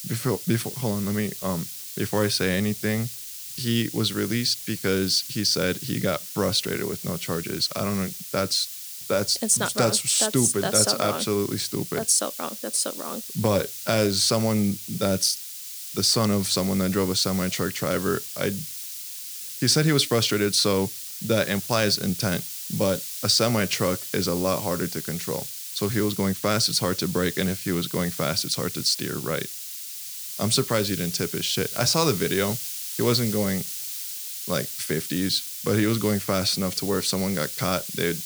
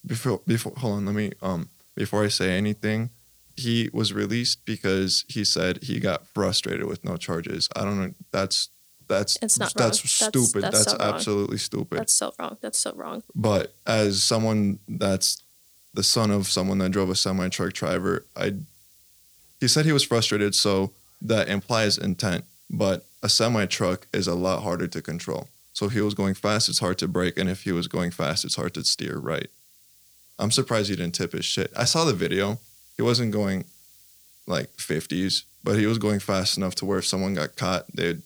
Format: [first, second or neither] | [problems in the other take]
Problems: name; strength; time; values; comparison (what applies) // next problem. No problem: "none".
second | hiss; loud; throughout; 8 dB below the speech; faint in the second